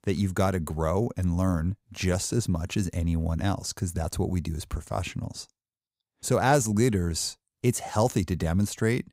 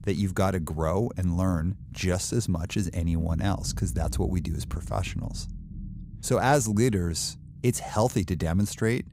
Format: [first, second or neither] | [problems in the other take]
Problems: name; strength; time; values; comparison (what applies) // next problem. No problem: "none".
first | low rumble; faint; throughout; 25 dB below the speech